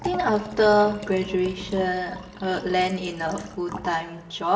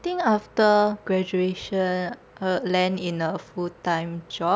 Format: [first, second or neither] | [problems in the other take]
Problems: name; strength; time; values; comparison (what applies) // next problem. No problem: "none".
second | background sound (Liquid); 14 dB below the speech // room echo; dies away in 0.9 s